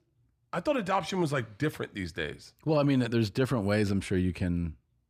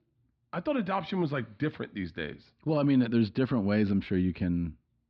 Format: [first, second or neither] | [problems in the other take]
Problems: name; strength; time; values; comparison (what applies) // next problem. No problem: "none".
first | muffled; very slightly; fading above 4 kHz